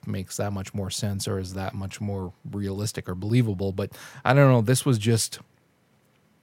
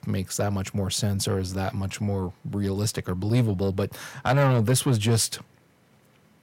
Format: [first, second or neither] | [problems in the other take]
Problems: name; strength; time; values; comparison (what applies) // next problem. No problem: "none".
first | distortion; heavy; 8 dB below the speech